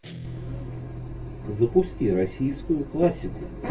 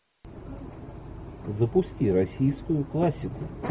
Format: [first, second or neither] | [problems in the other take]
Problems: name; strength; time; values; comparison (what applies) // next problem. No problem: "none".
second | background sound (Guitar); 14 dB below the speech // room echo; dies away in 0.2 s